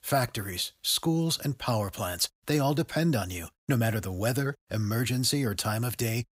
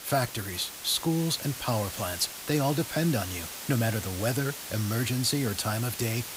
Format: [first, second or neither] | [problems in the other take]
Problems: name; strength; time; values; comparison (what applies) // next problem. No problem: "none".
first | hiss; loud; throughout; 8 dB below the speech